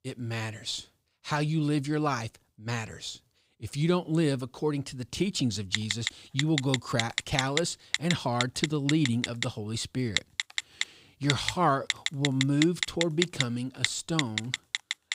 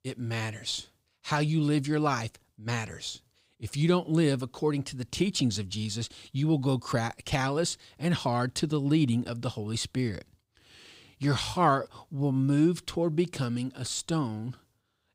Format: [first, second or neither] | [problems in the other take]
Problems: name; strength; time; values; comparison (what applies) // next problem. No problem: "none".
second | phone ringing; loud; from 5.5 s on; peak 1 dB above the speech